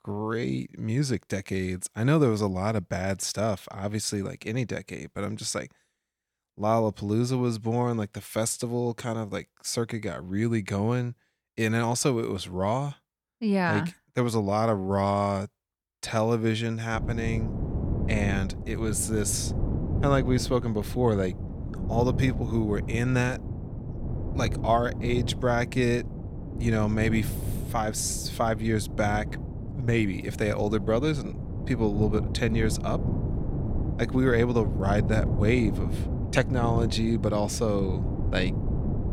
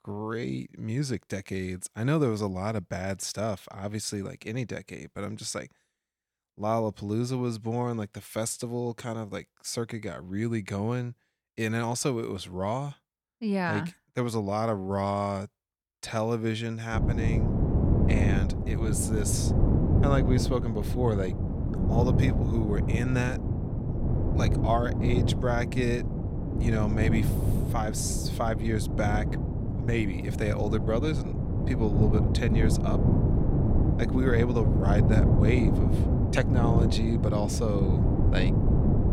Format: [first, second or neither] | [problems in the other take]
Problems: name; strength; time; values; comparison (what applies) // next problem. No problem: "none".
first | wind noise on the microphone; heavy; from 17 s on; 3 dB below the speech; occasional gusts in the first